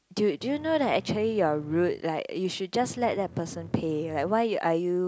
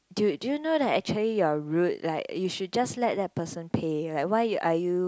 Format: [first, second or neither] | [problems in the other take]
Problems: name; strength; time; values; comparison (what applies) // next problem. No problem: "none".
second | background sound (Bass guitar); 19 dB below the speech